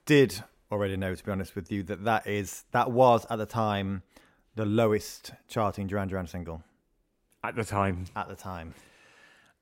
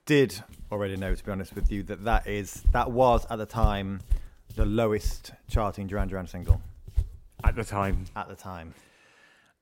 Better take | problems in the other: first | footsteps; loud; from 1 to 8 s; peak 1 dB above the speech

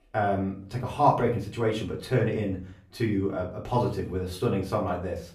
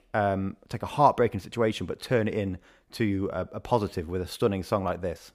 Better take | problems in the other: second | off-mic speech; far // room echo; slight; dies away in 0.4 s

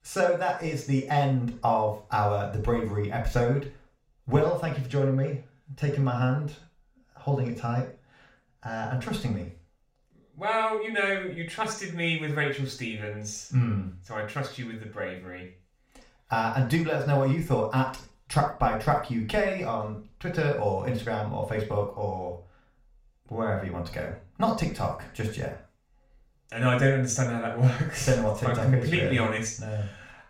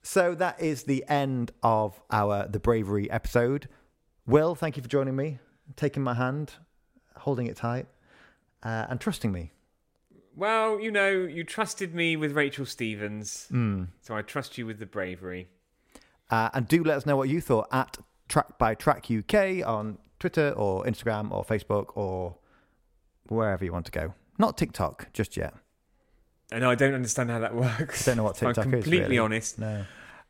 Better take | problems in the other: second | room echo; noticeable; dies away in 0.4 s // off-mic speech; far

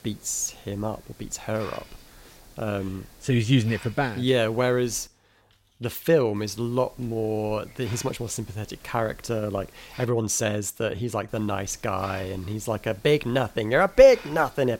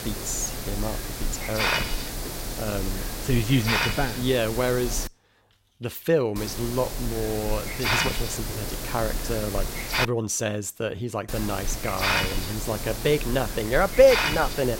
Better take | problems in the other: first | hiss; loud; until 5 s, from 6.5 to 10 s and from 11 s on; 2 dB below the speech; faint in the first

